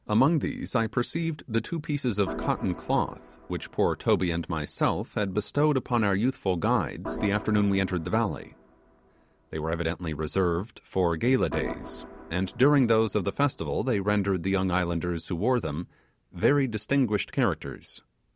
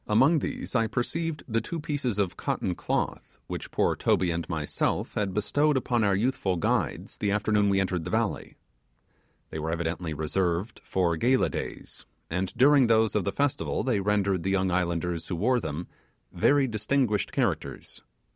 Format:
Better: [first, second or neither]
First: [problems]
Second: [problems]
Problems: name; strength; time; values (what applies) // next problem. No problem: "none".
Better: second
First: background sound (Organ); 14 dB below the speech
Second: none